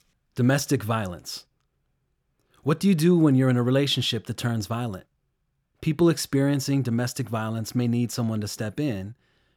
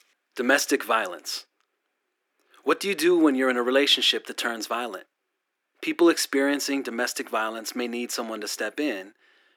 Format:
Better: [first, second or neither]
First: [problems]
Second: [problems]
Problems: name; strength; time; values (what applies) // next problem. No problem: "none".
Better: first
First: none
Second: thin; somewhat; fading below 300 Hz